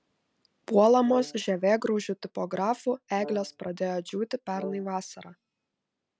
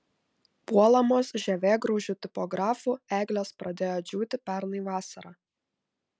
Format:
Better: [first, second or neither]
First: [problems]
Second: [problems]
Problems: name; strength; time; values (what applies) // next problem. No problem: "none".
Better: second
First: background sound (Brass instrument); 17 dB below the speech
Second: none